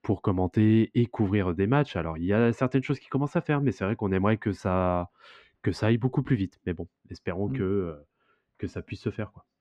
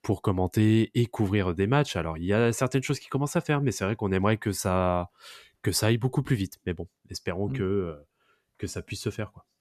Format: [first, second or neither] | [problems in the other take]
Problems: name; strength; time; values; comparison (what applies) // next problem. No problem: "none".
second | muffled; slightly; fading above 2.5 kHz